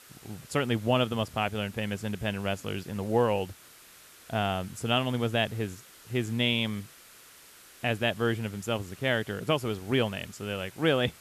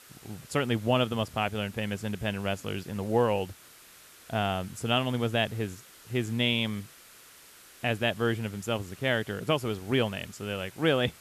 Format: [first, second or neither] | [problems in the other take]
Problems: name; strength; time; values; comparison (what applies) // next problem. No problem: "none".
neither | hiss; faint; throughout; 20 dB below the speech; the same in both